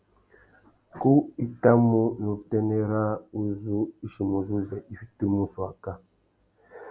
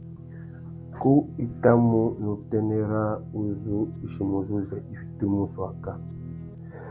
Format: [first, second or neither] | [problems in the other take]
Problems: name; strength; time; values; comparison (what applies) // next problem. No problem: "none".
first | background sound (Guitar); 12 dB below the speech